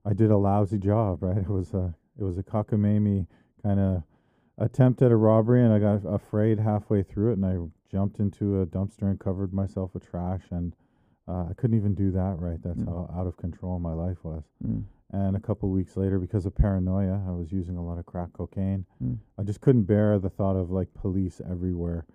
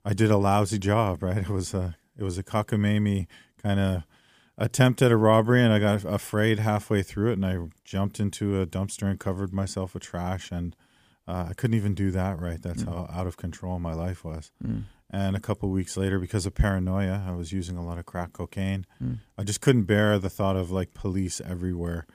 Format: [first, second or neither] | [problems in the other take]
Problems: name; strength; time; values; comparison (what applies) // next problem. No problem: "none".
second | muffled; very; fading above 1.5 kHz